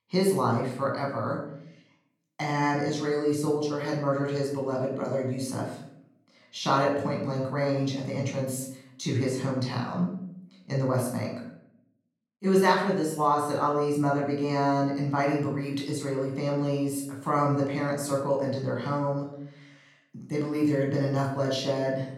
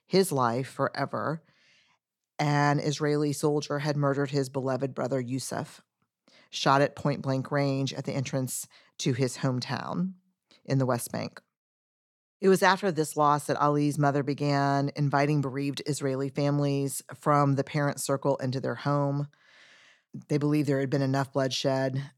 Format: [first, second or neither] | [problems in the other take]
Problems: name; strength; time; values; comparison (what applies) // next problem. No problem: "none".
second | off-mic speech; far // room echo; noticeable; dies away in 0.6 s